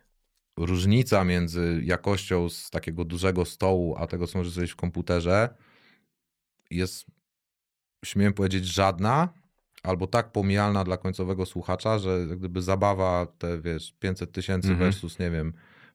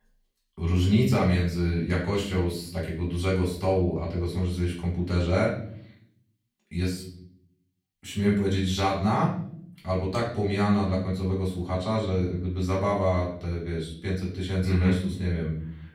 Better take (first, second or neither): first